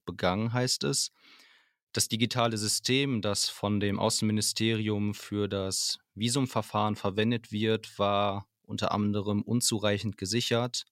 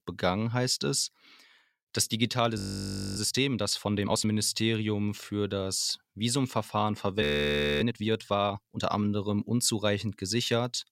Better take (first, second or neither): first